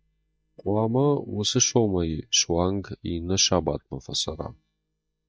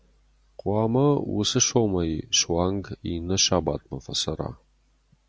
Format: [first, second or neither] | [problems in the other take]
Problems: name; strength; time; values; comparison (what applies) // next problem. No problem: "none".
second | noise reduction (neural mask model DeepFilterNet 3)